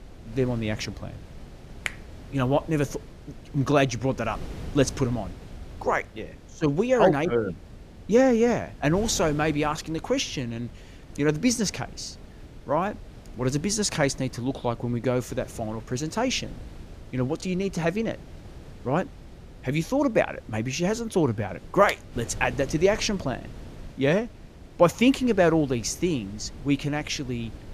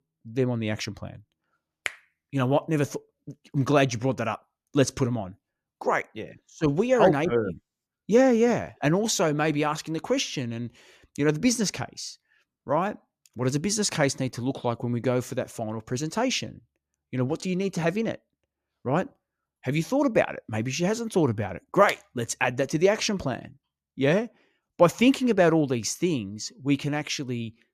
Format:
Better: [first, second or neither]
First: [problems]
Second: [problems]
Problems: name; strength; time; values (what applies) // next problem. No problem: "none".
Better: second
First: wind noise on the microphone; occasional gusts; 25 dB below the speech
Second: none